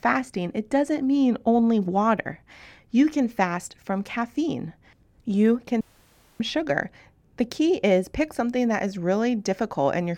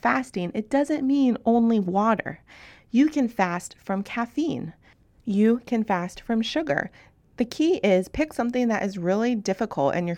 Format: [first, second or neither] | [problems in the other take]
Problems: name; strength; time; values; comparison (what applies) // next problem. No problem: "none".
second | audio cutting out; at 6 s for 0.5 s